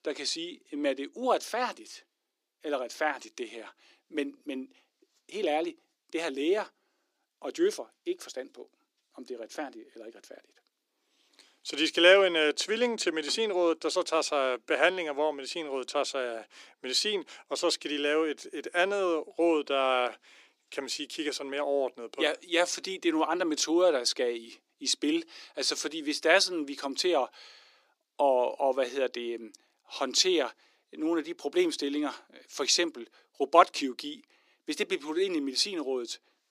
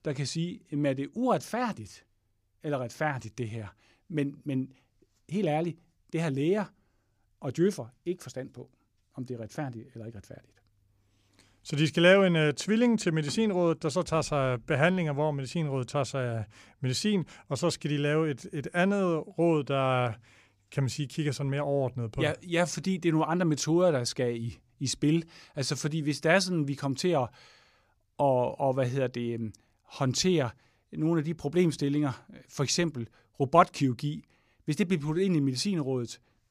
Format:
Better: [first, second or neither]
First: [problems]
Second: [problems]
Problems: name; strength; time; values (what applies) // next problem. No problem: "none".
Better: second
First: thin; somewhat; fading below 300 Hz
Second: none